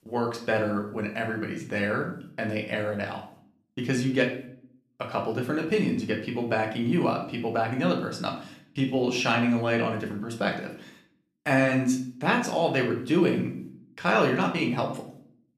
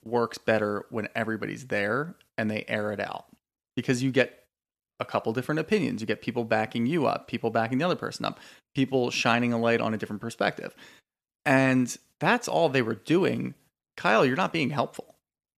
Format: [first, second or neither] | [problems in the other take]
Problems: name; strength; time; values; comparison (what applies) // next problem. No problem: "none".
second | room echo; slight; dies away in 0.5 s // off-mic speech; somewhat distant